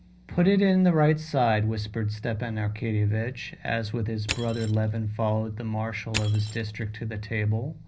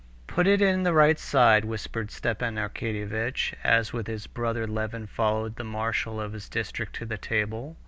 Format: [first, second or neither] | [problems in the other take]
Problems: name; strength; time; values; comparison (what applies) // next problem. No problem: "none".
second | background sound (Crushing); 13 dB below the speech // room echo; dies away in 0.5 s